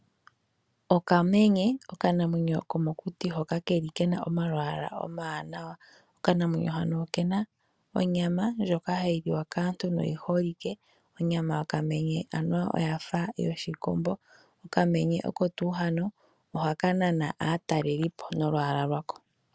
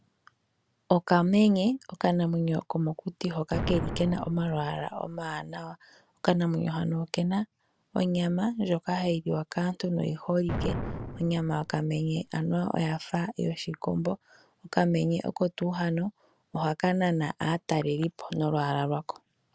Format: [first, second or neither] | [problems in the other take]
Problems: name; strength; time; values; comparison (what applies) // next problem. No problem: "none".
first | background sound (Explosion); 7 dB below the speech